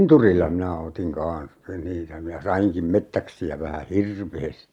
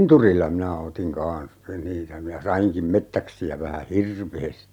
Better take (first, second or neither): second